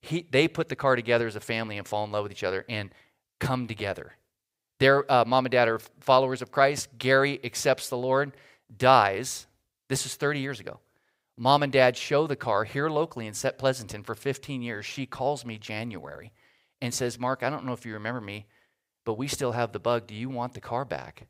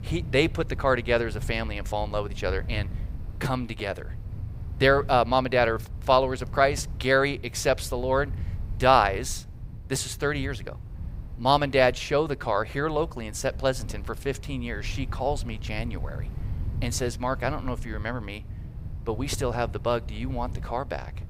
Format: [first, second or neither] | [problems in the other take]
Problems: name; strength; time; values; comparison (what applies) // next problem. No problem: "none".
first | wind noise on the microphone; occasional gusts; 25 dB below the speech